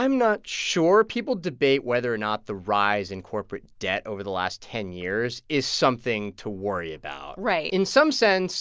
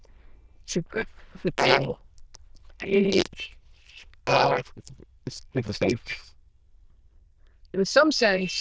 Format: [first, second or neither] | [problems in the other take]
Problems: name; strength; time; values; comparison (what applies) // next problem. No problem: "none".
first | noise reduction (neural diffusion model UNIVERSE++)